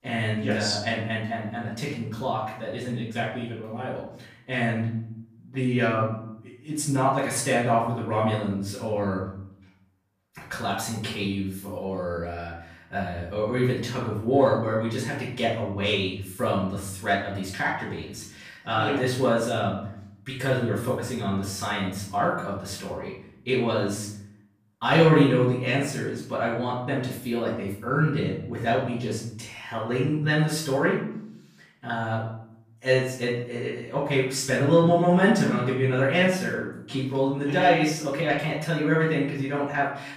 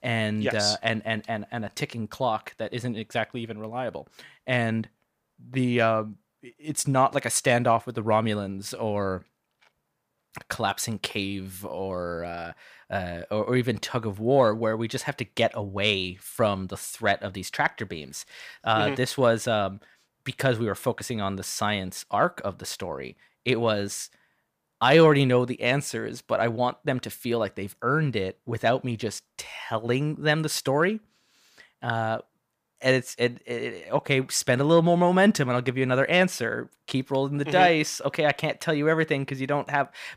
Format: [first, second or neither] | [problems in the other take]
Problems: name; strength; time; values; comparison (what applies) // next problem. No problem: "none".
second | off-mic speech; far // room echo; noticeable; dies away in 0.7 s